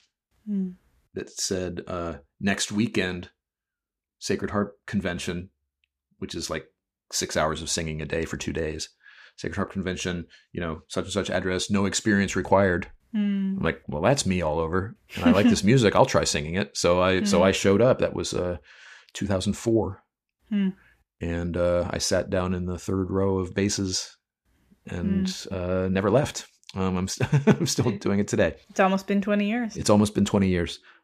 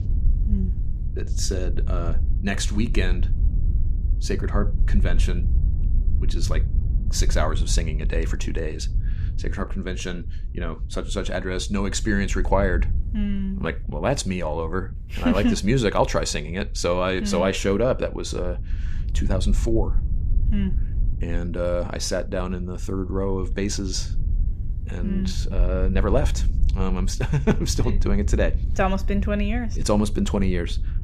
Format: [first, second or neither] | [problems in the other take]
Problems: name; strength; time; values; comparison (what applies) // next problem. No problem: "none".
first | wind noise on the microphone; occasional gusts; 20 dB below the speech